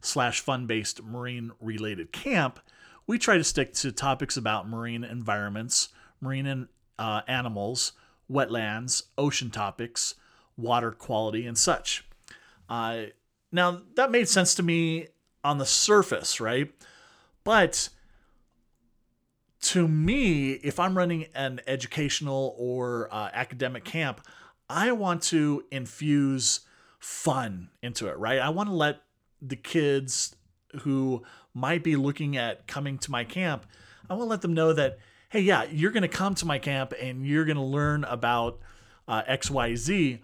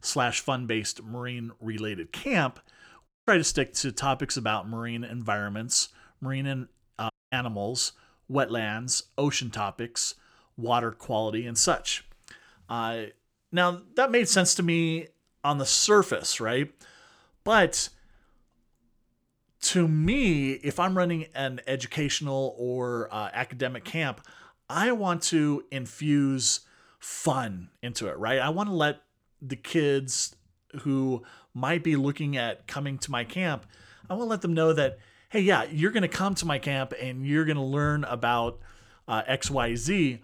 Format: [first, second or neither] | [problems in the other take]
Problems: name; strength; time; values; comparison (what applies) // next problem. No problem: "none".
first | audio cutting out; at 3 s and at 7 s